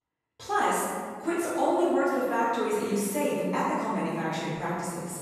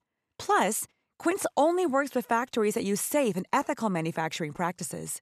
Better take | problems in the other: second | room echo; strong; dies away in 1.7 s // off-mic speech; far

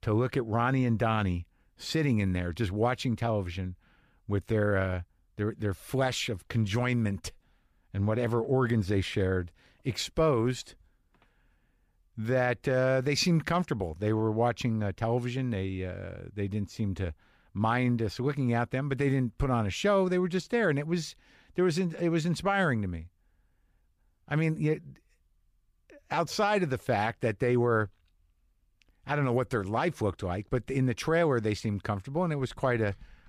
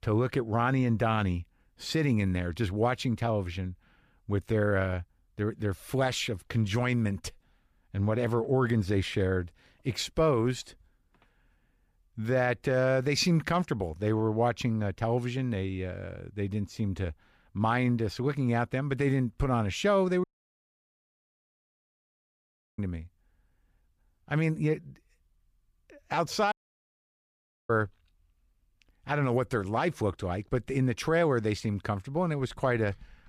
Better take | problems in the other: first | audio cutting out; at 20 s for 2.5 s and at 27 s for 1 s

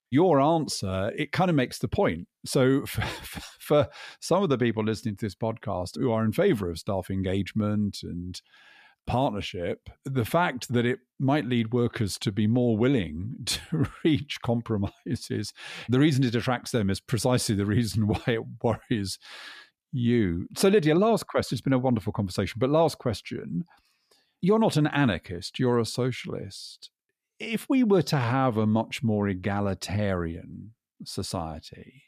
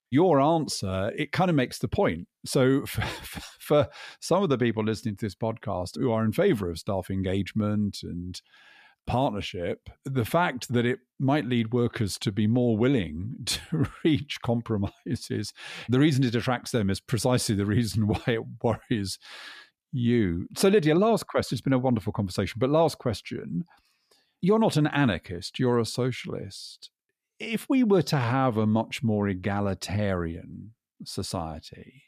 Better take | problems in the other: neither | none

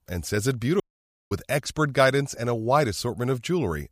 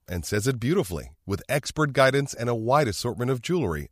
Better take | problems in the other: second | audio cutting out; at 1 s for 0.5 s

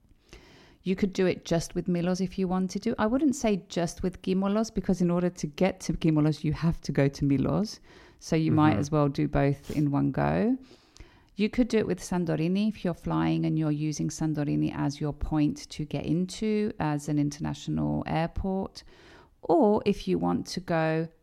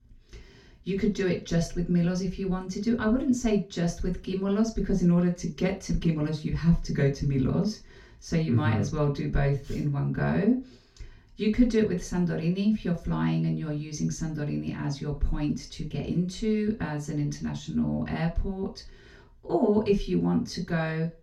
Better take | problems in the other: first | room echo; very slight; dies away in 0.2 s // off-mic speech; far

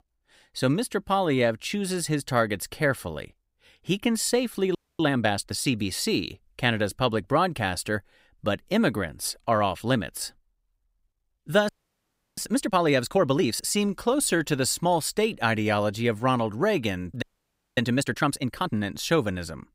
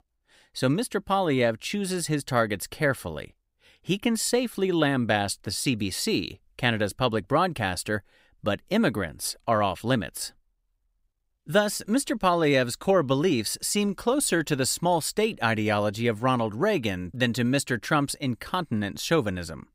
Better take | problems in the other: second | audio freezing; at 5 s, at 12 s for 0.5 s and at 17 s for 0.5 s

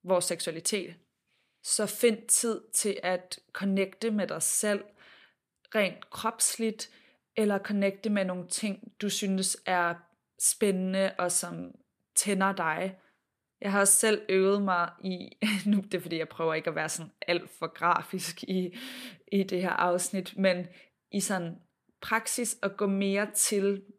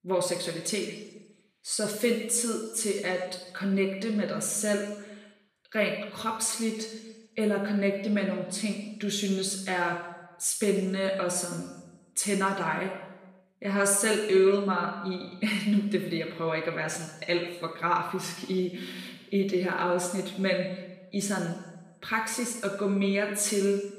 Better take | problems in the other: first | room echo; noticeable; dies away in 0.9 s // off-mic speech; far

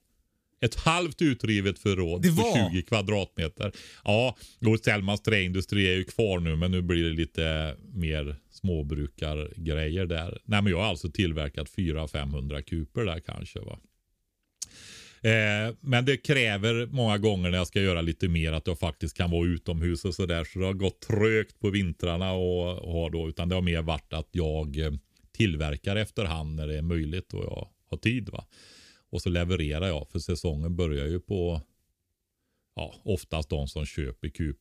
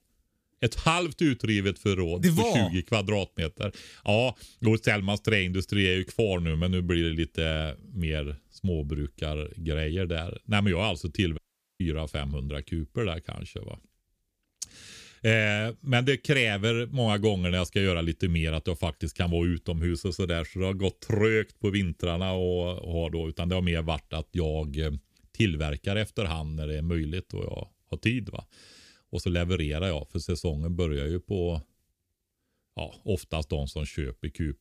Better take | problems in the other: first | audio cutting out; at 11 s

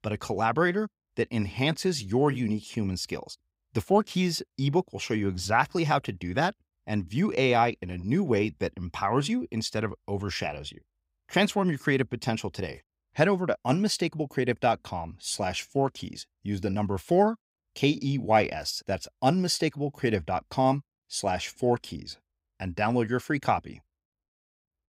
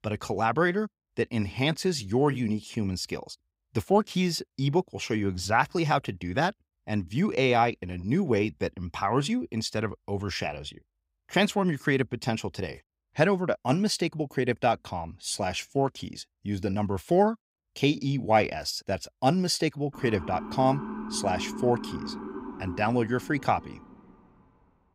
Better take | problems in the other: first | siren; noticeable; from 20 to 24 s; peak 8 dB below the speech

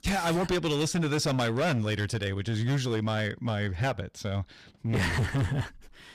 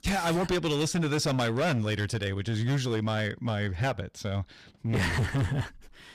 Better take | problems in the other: neither | distortion; heavy; 16% of the sound clipped; the same in both

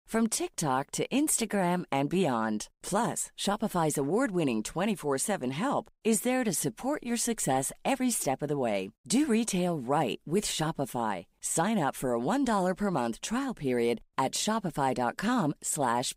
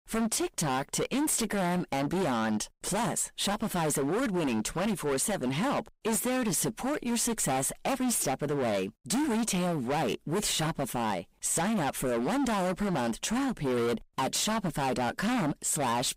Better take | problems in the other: first | distortion; heavy; 28% of the sound clipped

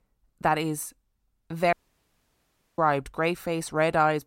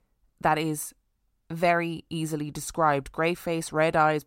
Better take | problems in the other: second | audio cutting out; at 1.5 s for 1 s

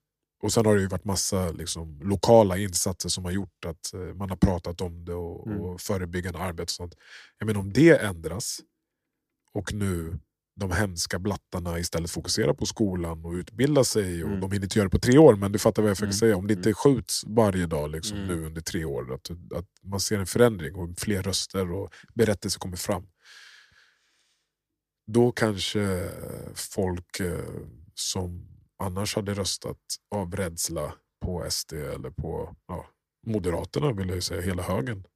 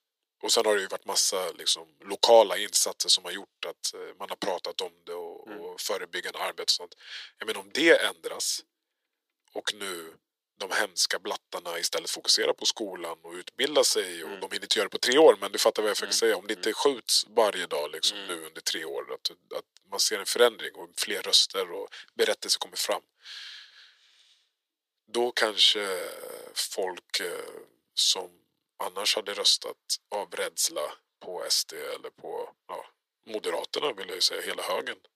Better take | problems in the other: first | thin; very; fading below 450 Hz

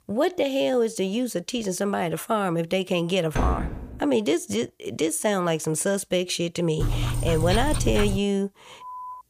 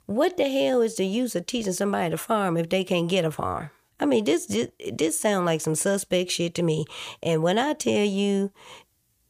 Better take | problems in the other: second | door banging; noticeable; at 3.5 s; peak 2 dB below the speech // dog barking; noticeable; from 7 to 8 s; peak 1 dB below the speech // phone ringing; faint; at 9 s; peak 10 dB below the speech

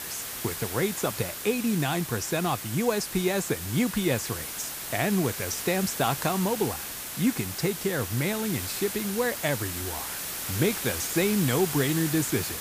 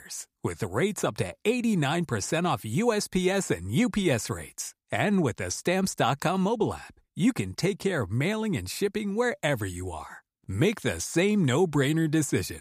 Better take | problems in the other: second | hiss; loud; throughout; 5 dB below the speech

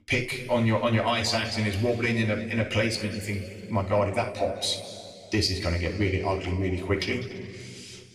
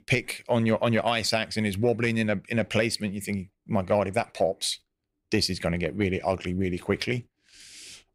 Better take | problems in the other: second | room echo; noticeable; dies away in 2.2 s // off-mic speech; somewhat distant

